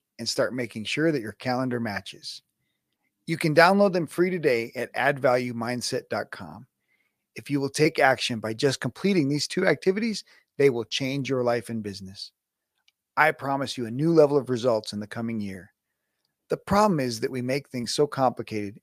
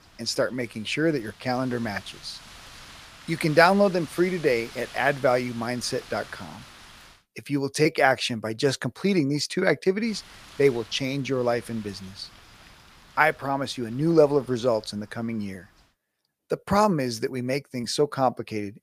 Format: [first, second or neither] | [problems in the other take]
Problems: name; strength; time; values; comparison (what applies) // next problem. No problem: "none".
first | wind noise on the microphone; occasional gusts; until 7 s and from 10 to 16 s; 20 dB below the speech